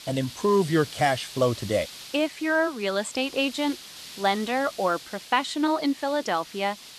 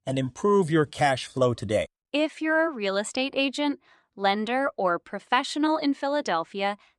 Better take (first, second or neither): second